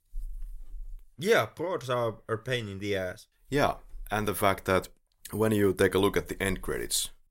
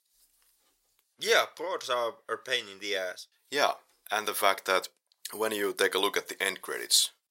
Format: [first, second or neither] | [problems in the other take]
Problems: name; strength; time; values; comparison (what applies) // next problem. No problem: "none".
first | thin; very; fading below 550 Hz